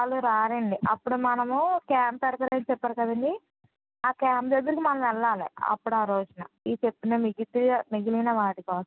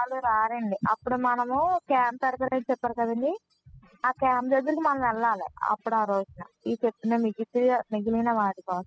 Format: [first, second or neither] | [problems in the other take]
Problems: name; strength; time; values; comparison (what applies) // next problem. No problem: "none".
first | noise reduction (classical method spectral subtraction)